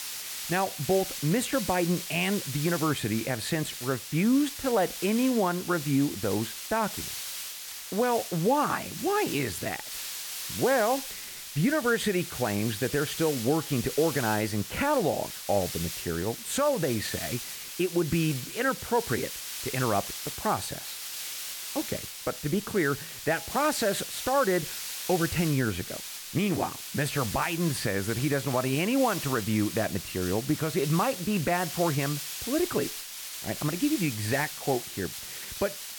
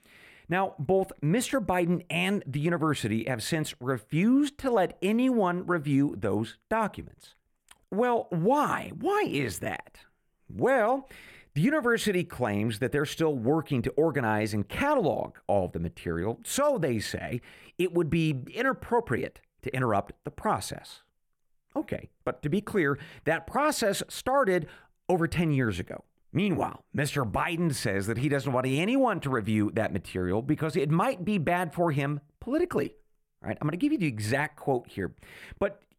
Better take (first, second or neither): second